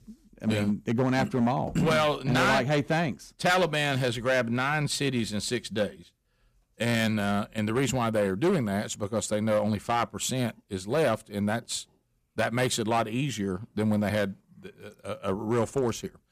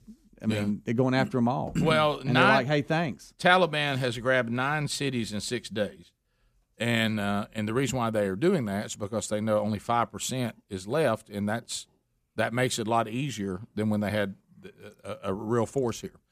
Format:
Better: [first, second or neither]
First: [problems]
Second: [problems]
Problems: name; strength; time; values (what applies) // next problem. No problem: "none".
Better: second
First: distortion; slight; 6% of the sound clipped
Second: none